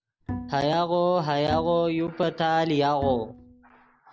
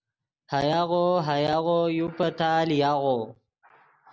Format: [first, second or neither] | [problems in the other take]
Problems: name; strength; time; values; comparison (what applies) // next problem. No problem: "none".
second | background sound (Bowed string instrument); 12 dB below the speech